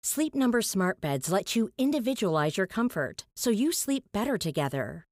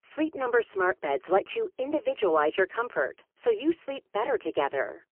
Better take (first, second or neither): first